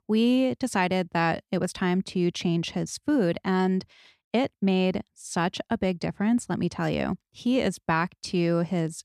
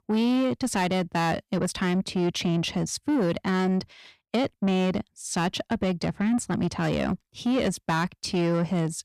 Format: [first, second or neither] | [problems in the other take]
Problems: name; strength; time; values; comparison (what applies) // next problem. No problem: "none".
first | distortion; slight; 10 dB below the speech